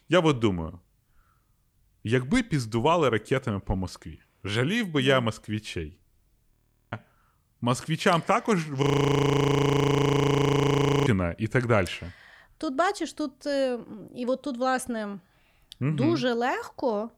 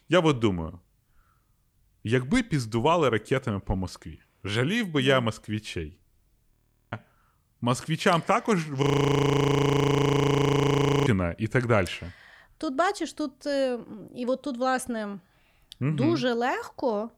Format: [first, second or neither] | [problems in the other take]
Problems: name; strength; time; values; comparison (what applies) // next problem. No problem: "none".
neither | audio freezing; at 6.5 s and at 9 s for 2 s; the same in both